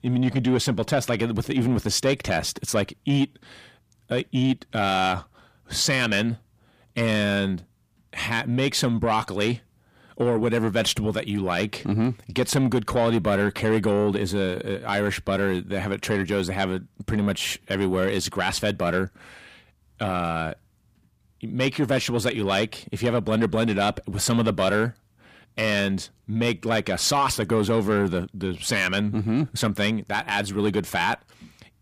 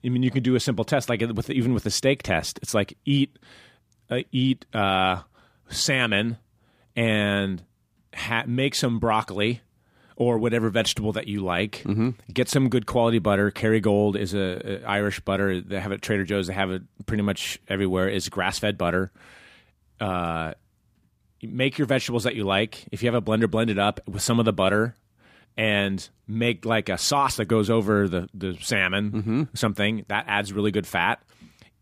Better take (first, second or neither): second